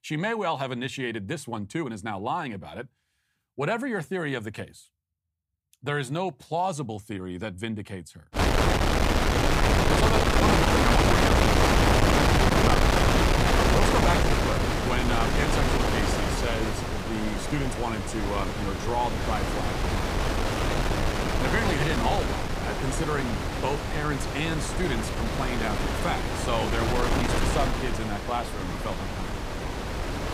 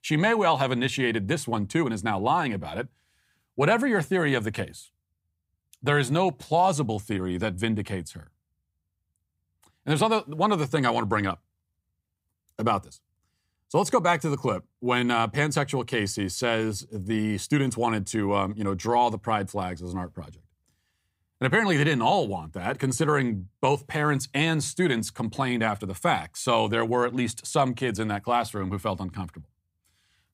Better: second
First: wind noise on the microphone; heavy; from 8.5 s on; 4 dB above the speech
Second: none

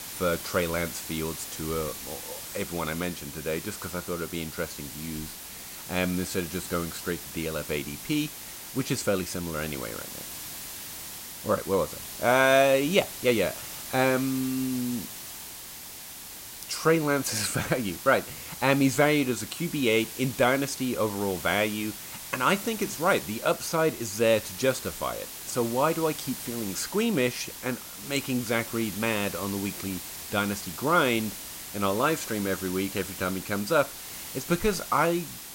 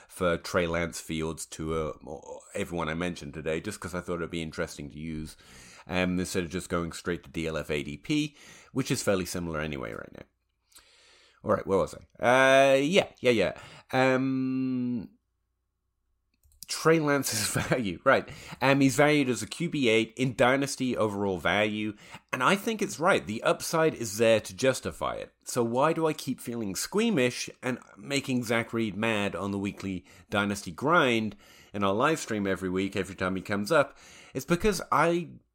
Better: second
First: hiss; loud; throughout; 9 dB below the speech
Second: none

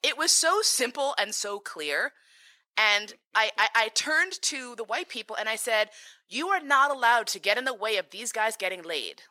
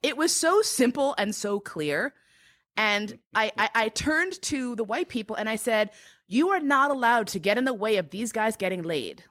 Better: second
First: thin; very; fading below 650 Hz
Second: none

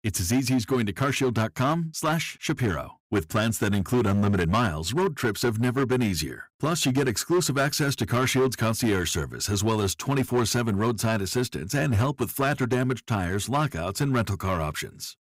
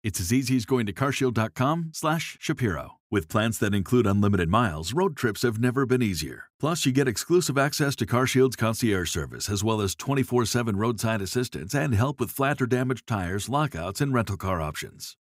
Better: second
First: distortion; slight; 9% of the sound clipped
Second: none

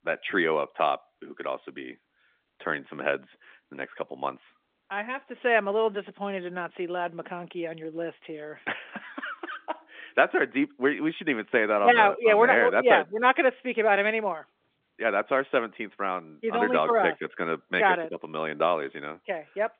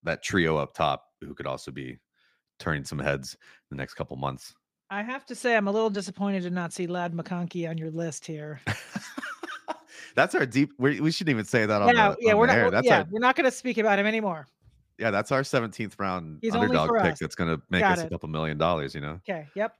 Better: second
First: phone-call audio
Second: none

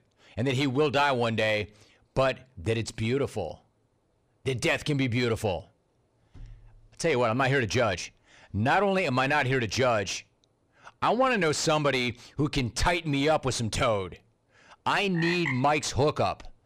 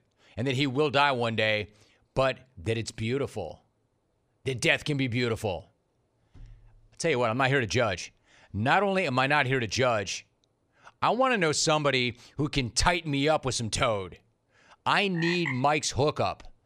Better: second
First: distortion; slight; 10 dB below the speech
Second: none

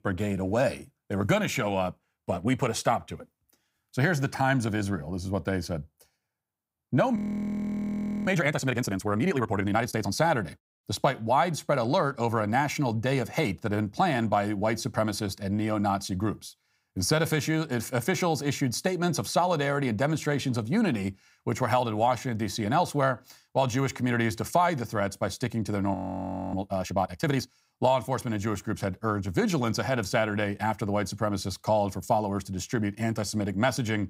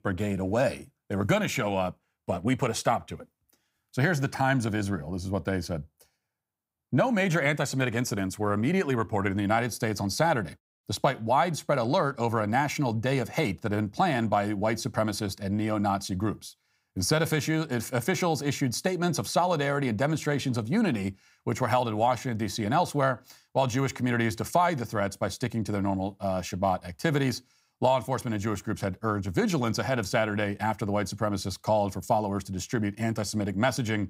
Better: second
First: audio freezing; at 7 s for 1 s and at 26 s for 0.5 s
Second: none

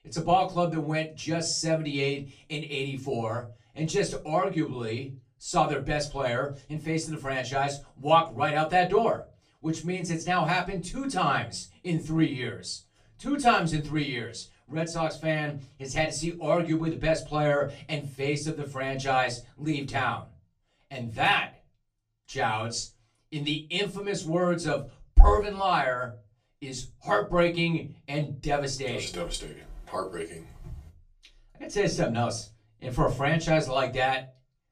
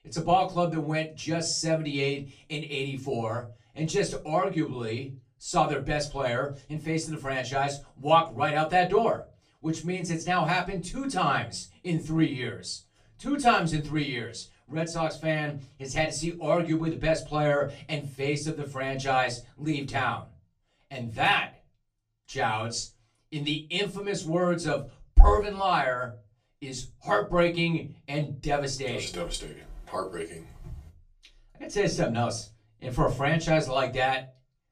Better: neither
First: off-mic speech; far // room echo; very slight; dies away in 0.3 s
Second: off-mic speech; far // room echo; very slight; dies away in 0.3 s

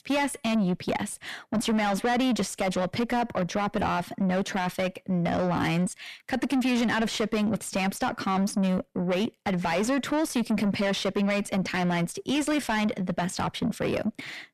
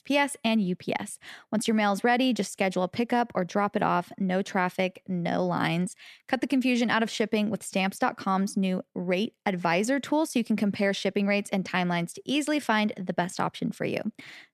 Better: second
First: distortion; heavy; 7 dB below the speech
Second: none

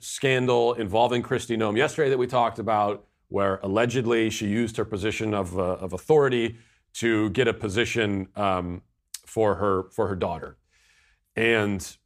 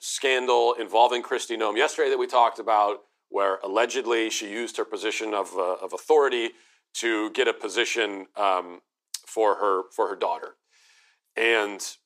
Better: first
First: none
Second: thin; very; fading below 350 Hz

